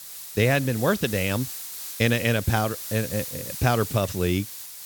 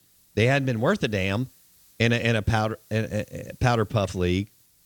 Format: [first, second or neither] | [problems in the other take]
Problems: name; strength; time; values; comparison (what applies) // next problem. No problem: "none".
second | hiss; loud; throughout; 9 dB below the speech; faint in the second